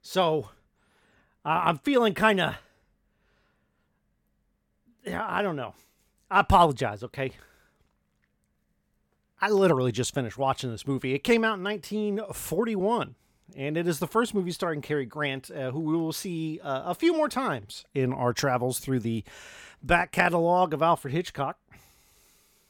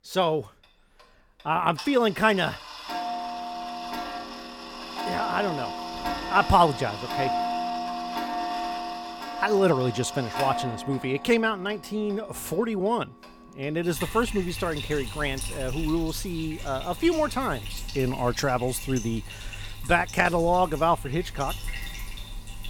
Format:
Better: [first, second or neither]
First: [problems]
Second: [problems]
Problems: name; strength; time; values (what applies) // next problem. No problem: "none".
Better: first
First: none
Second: household noises; loud; throughout; 8 dB below the speech